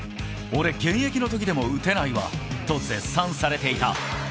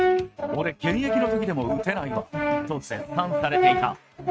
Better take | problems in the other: first | noise reduction (neural mask model RNNoise)

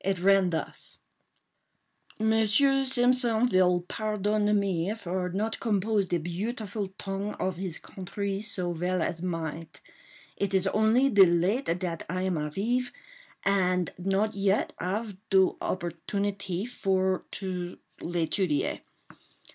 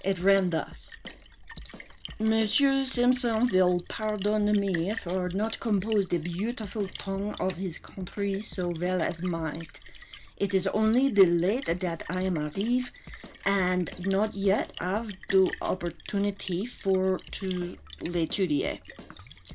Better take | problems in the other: first | background sound (Drum kit + Splash, splatter); 17 dB below the speech

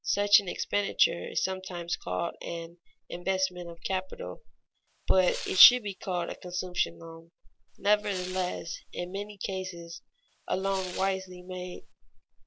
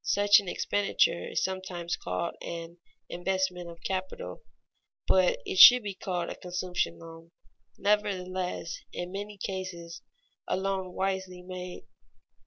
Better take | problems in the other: second | background sound (Tearing); 14 dB below the speech

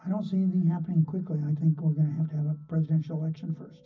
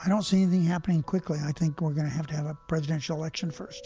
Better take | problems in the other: second | room echo; dies away in 0.4 s

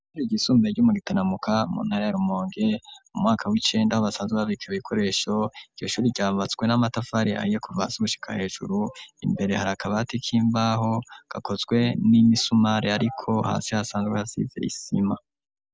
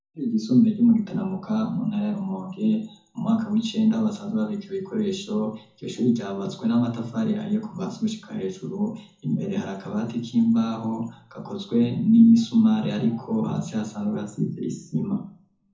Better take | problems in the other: first | room echo; dies away in 0.6 s

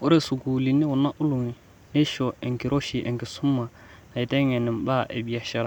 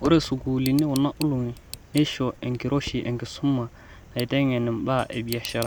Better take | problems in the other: first | background sound (Tap + Tick); 16 dB below the speech

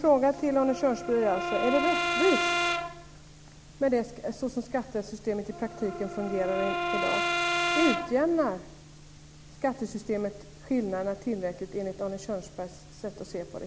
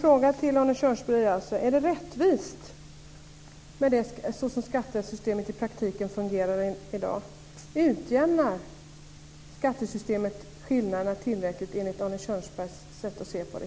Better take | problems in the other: second | background sound (Brass instrument); 2 dB below the speech

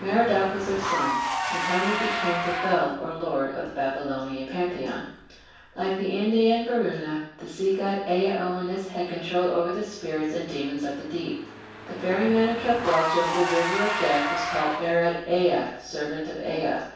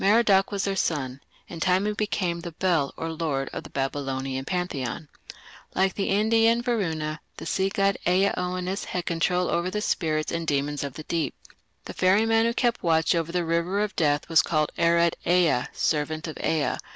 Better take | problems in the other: second | background sound (Engine / Car); 7 dB below the speech // room echo; dies away in 0.7 s

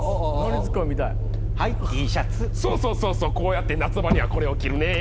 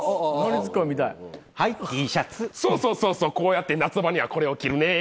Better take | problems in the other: second | background sound (Motor vehicle (road)); 3 dB above the speech

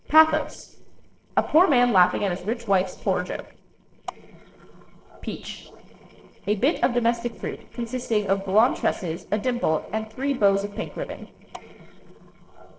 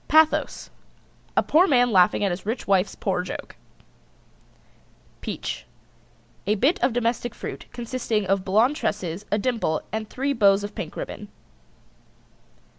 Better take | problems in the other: second | noise reduction (neural separator model SepFormer DNS4)

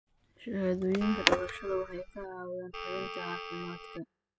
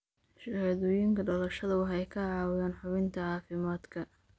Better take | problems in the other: second | noise reduction (classical method spectral subtraction)

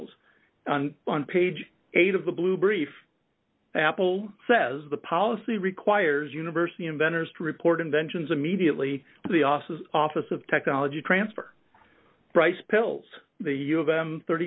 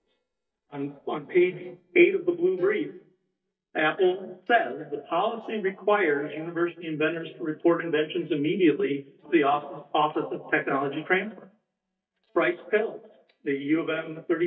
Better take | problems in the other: first | noise reduction (neural mask model DeepFilterNet 3)

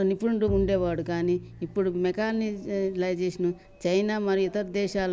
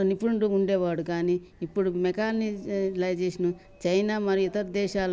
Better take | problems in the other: second | background sound (Bowed string instrument); 13 dB below the speech

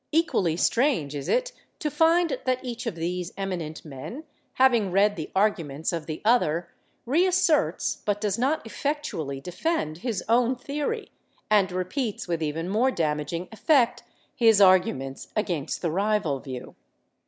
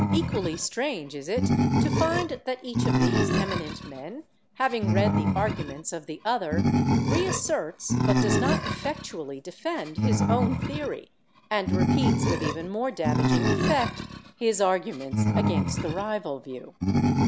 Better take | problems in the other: first | background sound (Animal); 4 dB above the speech

